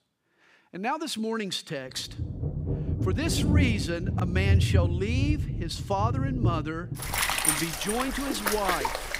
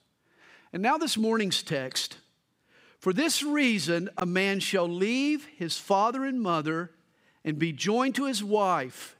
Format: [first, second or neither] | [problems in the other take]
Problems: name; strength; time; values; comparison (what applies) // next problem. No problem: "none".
second | rain or running water; very loud; from 2.5 s on; 3 dB above the speech